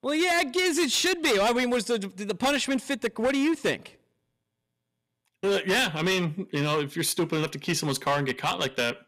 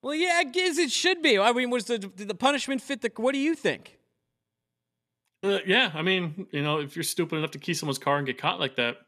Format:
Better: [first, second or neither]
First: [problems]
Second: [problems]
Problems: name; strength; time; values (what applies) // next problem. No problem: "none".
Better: second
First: distortion; heavy; 12% of the sound clipped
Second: none